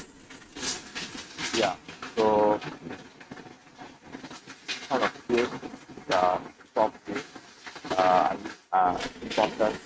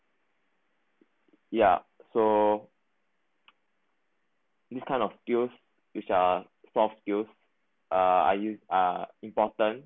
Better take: second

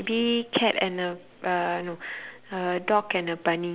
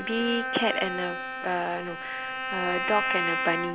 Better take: first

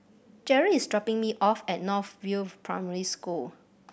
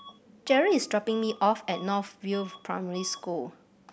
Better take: first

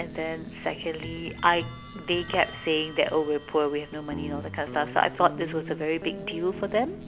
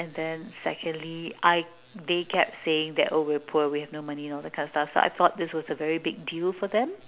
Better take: second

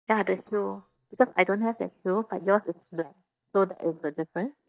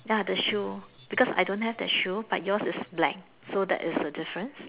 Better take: second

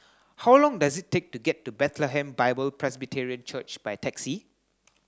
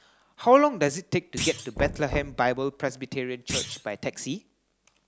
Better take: first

